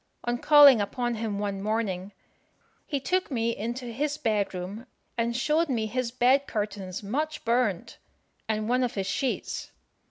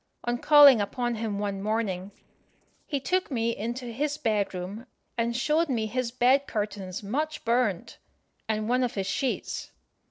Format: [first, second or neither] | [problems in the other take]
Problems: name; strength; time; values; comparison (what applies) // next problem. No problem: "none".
first | noise reduction (neural separator model SepFormer DNS4)